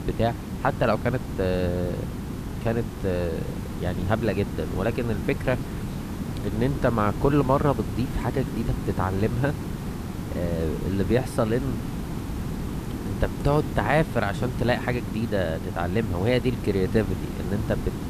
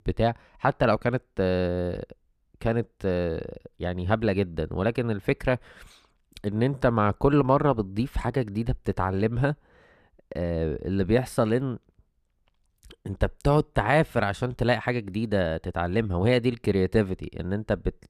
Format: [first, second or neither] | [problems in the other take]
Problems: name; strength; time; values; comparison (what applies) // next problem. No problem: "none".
second | hiss; loud; throughout; 6 dB below the speech